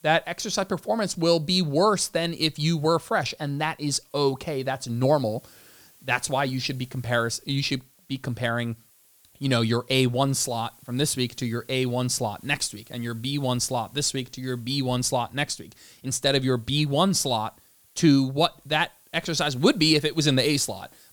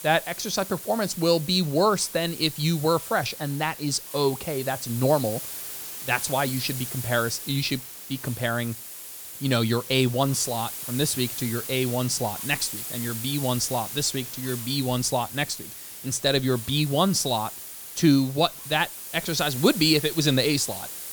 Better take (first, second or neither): first